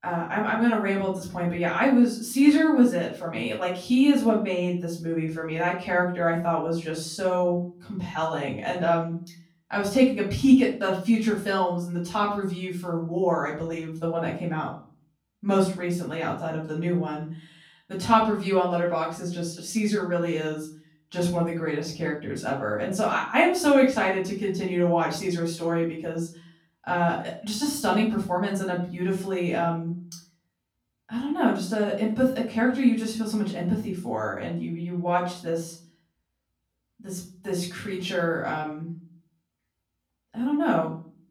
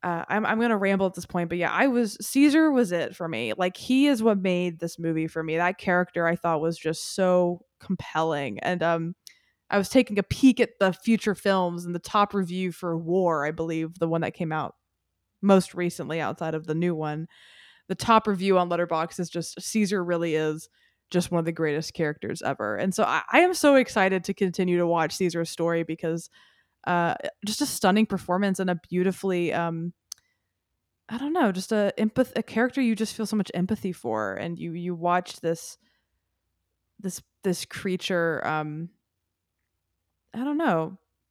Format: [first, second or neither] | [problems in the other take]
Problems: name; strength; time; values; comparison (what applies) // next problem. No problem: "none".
second | off-mic speech; far // room echo; slight; dies away in 0.4 s